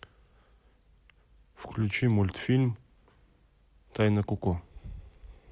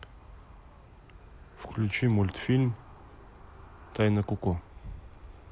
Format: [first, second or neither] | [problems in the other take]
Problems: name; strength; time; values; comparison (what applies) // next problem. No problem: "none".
first | background sound (Aircraft); 18 dB below the speech